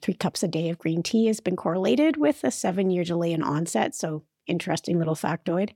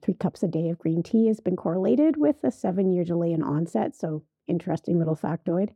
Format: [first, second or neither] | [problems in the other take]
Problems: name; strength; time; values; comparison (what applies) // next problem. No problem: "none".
first | muffled; very; fading above 1 kHz